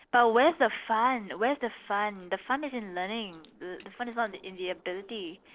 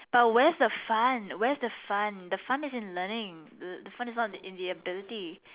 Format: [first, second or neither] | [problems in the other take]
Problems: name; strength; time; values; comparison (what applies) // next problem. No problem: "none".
second | noise reduction (neural separator model SepFormer DNS4)